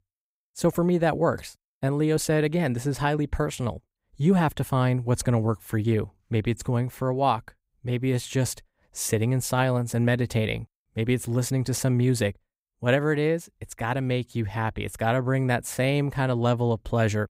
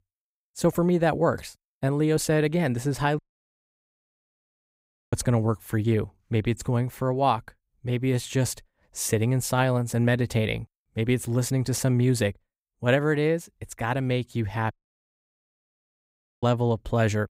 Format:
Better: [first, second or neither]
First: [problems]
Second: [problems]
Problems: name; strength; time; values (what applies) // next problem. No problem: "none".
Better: first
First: none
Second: audio cutting out; at 3 s for 2 s and at 15 s for 1.5 s